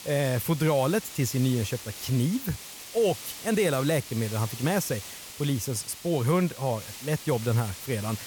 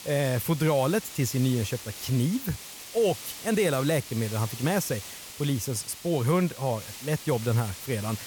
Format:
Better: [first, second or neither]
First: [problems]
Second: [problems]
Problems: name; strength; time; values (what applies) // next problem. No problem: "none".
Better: neither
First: hiss; noticeable; throughout; 10 dB below the speech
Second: hiss; noticeable; throughout; 10 dB below the speech